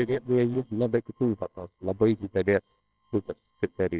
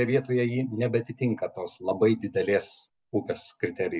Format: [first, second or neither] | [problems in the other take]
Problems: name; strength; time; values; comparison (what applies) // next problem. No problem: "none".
second | noise reduction (neural separator model SepFormer WHAMR!)